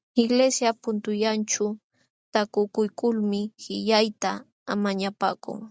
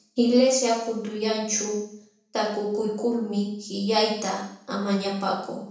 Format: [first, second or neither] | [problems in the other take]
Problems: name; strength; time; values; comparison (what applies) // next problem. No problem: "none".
first | room echo; dies away in 0.7 s